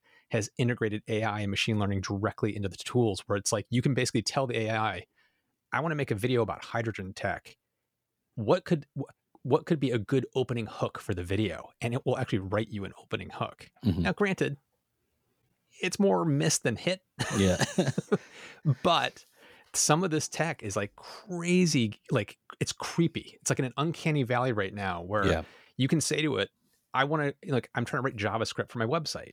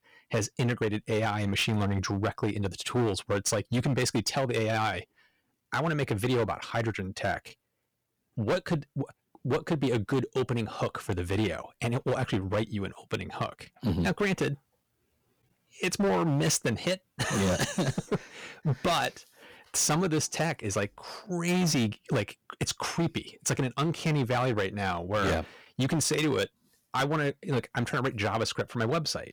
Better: first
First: none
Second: distortion; heavy; 11% of the sound clipped

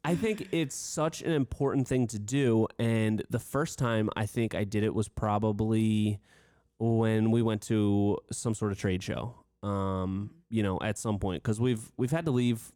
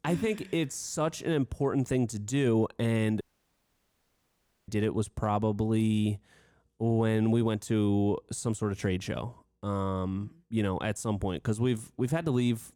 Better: first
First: none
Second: audio cutting out; at 3 s for 1.5 s

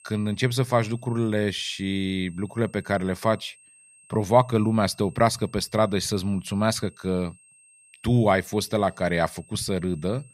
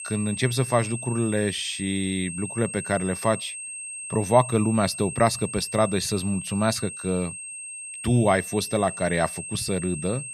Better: first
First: high-pitched whine; faint; throughout; 8.5 kHz, 25 dB below the speech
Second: high-pitched whine; loud; throughout; 8.5 kHz, 8 dB below the speech

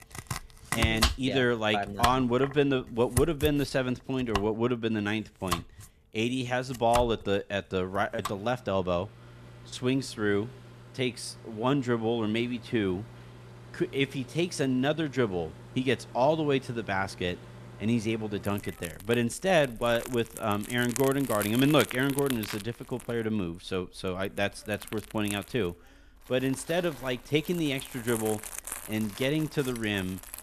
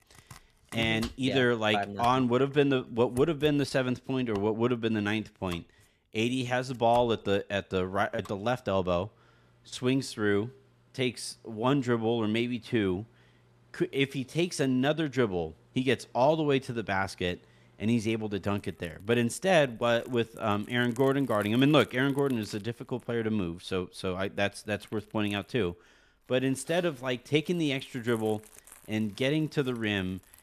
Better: second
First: household noises; loud; throughout; 9 dB below the speech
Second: household noises; faint; throughout; 25 dB below the speech

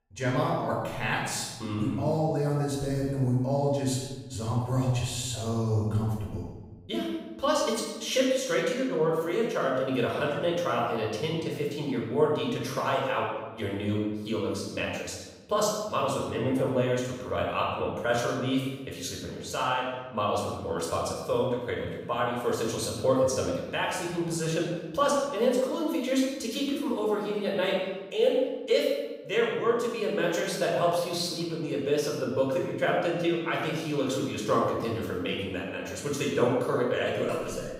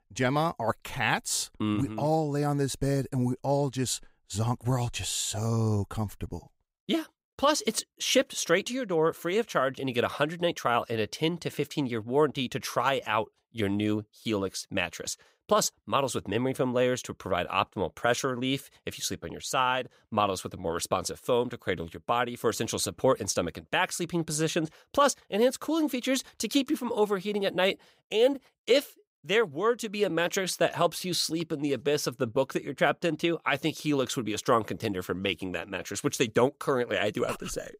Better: second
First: off-mic speech; far // room echo; noticeable; dies away in 1.1 s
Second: none

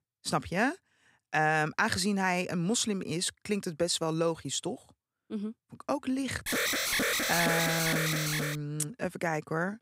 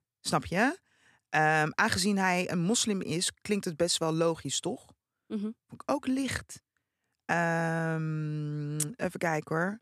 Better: second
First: alarm; loud; from 6.5 to 8.5 s; peak 4 dB above the speech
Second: none

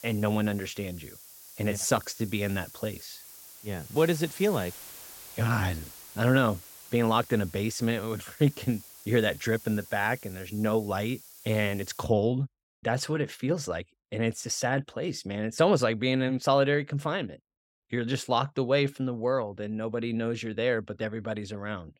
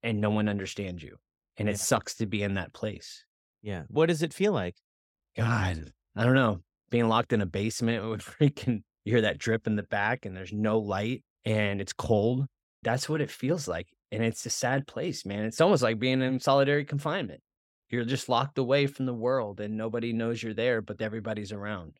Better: second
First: hiss; noticeable; until 12 s; 15 dB below the speech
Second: none

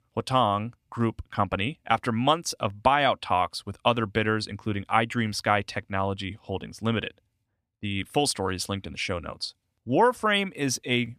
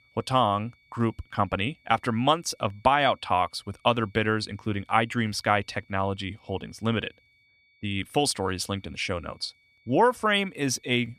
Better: first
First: none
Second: high-pitched whine; faint; throughout; 2.5 kHz, 35 dB below the speech

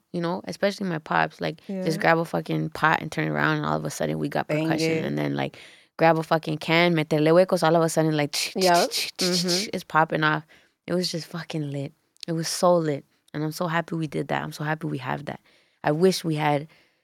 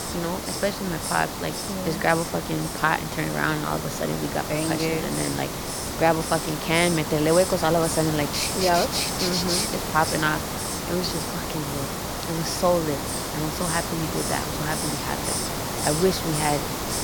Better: first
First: none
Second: hiss; loud; throughout; 3 dB below the speech

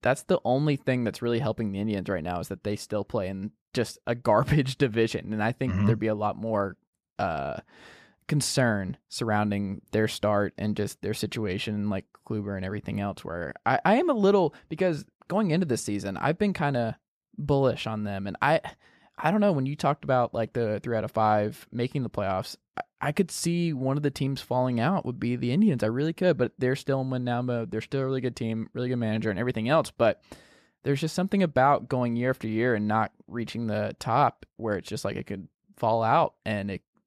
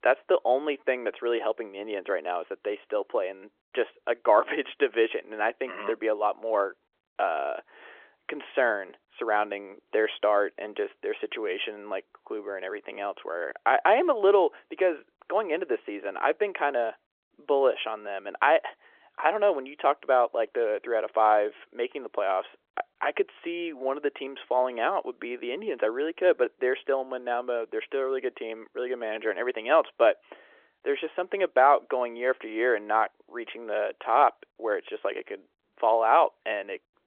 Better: first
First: none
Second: phone-call audio; nothing above 3.5 kHz

